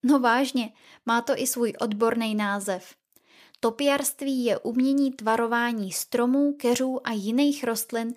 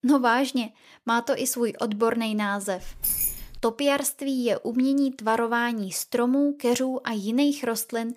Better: first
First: none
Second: jangling keys; loud; at 3 s; peak 2 dB above the speech

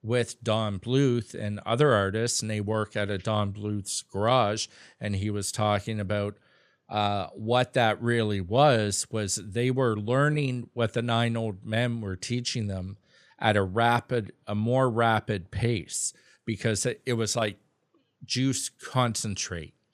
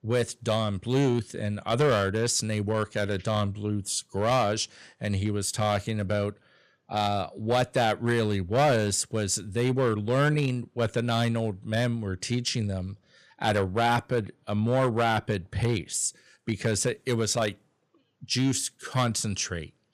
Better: first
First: none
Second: distortion; slight; 4% of the sound clipped

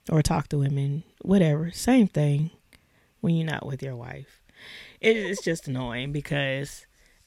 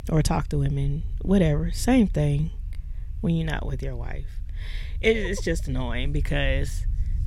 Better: first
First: none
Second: low rumble; faint; throughout; 25 dB below the speech

